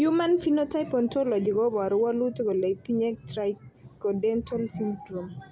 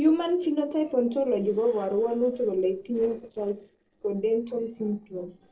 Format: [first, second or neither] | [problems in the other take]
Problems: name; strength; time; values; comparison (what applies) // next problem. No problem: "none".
first | noise reduction (neural separator model SepFormer DNS4)